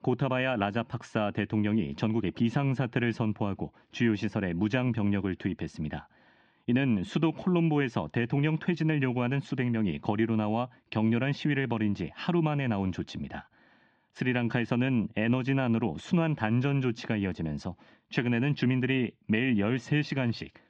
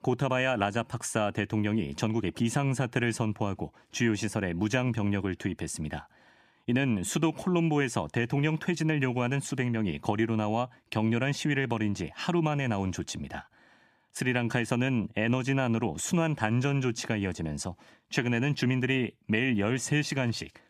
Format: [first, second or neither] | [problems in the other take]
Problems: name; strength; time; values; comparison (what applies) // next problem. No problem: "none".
second | muffled; slightly; fading above 4.5 kHz